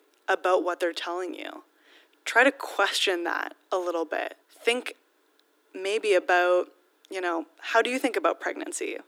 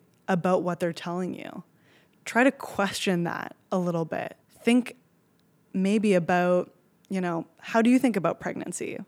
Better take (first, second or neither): second